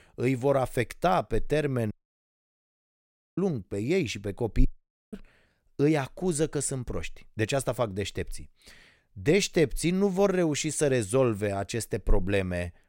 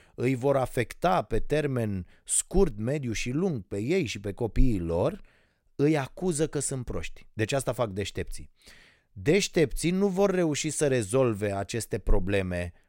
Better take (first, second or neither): second